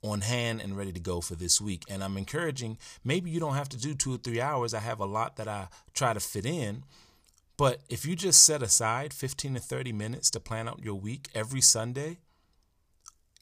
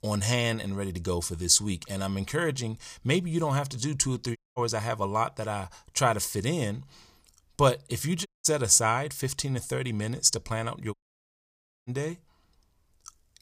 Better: first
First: none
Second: audio cutting out; at 4.5 s, at 8.5 s and at 11 s for 1 s

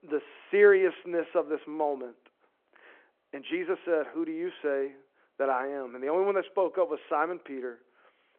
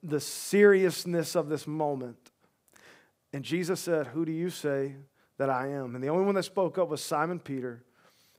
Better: second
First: phone-call audio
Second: none

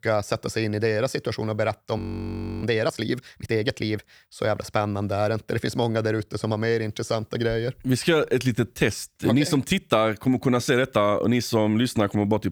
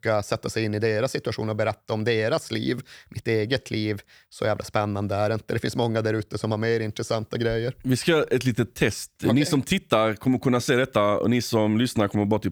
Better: second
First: audio freezing; at 2 s for 0.5 s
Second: none

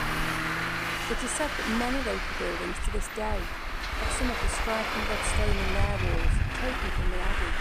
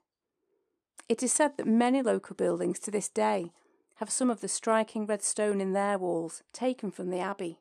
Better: second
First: traffic noise; very loud; throughout; 5 dB above the speech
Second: none

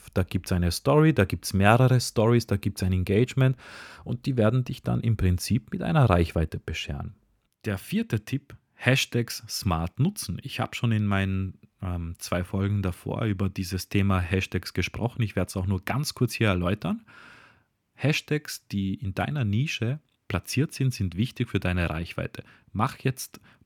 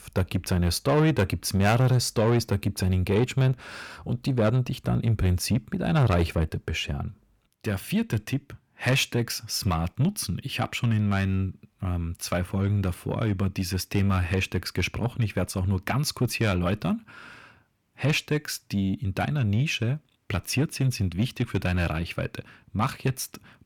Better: first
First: none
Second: distortion; slight; 10 dB below the speech

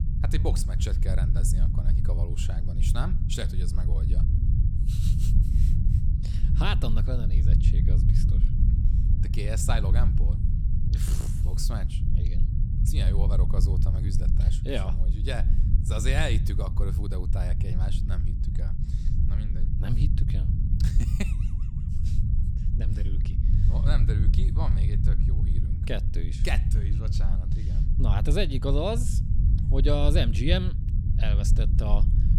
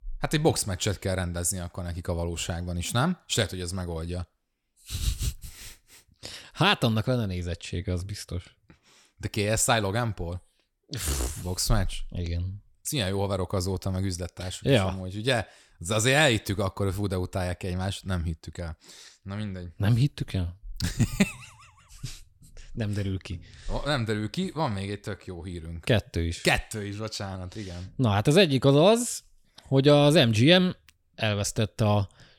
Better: second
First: low rumble; loud; throughout; 6 dB below the speech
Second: none

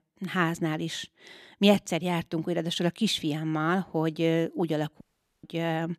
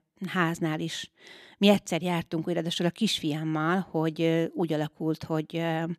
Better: second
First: audio cutting out; at 5 s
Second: none

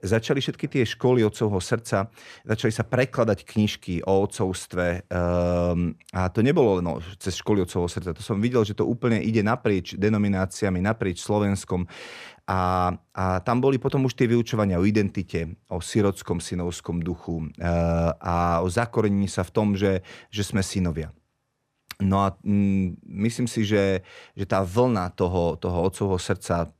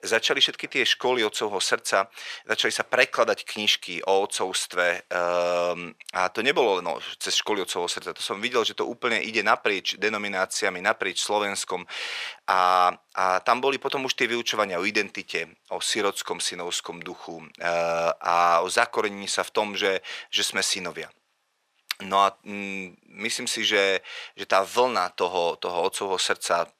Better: first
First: none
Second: thin; very; fading below 650 Hz

